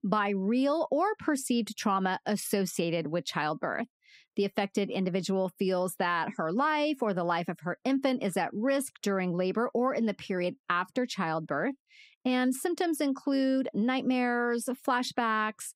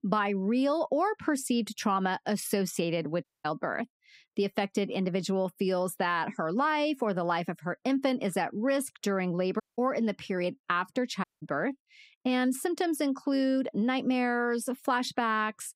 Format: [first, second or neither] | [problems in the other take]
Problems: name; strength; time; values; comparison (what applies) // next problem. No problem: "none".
first | audio cutting out; at 3 s, at 9.5 s and at 11 s